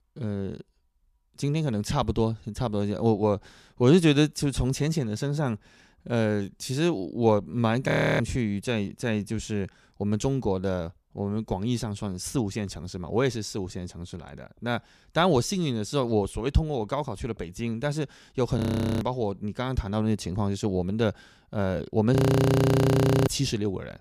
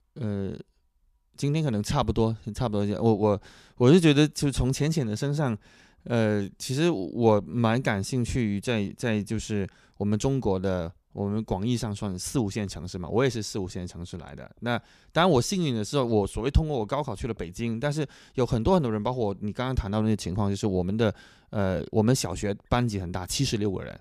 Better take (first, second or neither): second